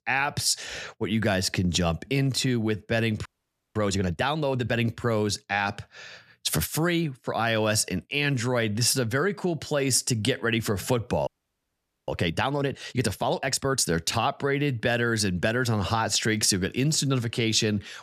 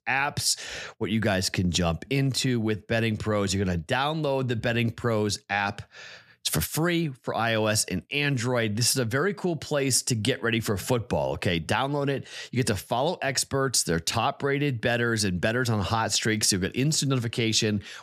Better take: second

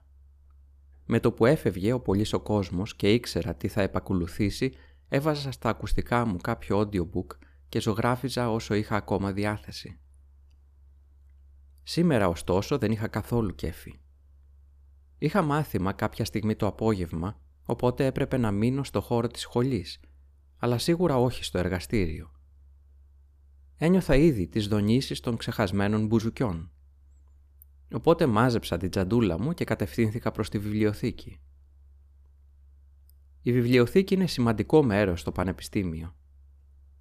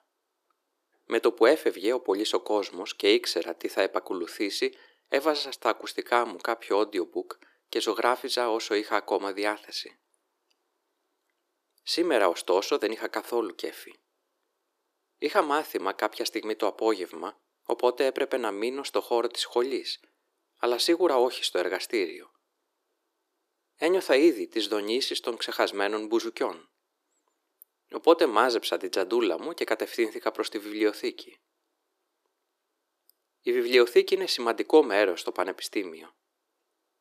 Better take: first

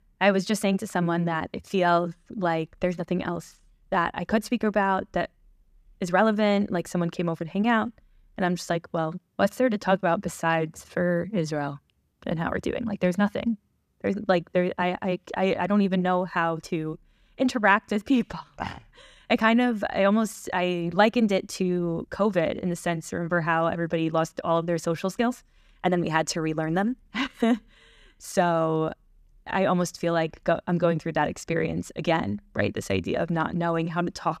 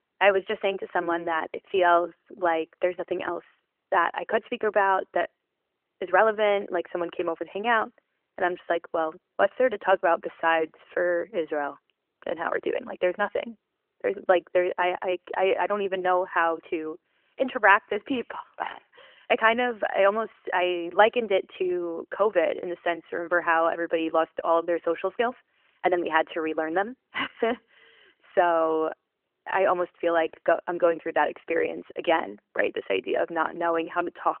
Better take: first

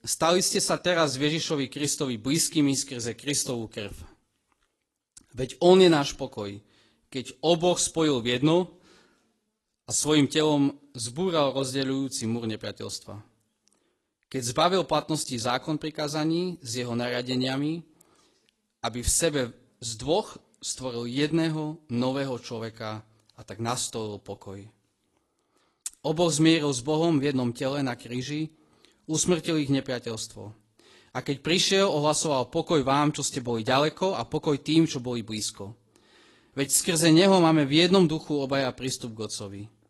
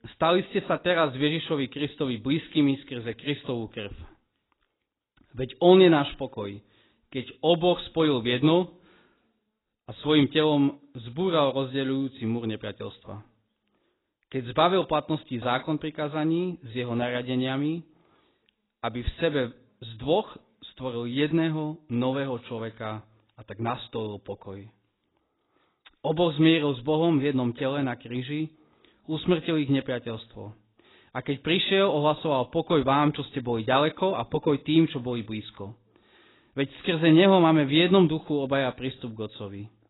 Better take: first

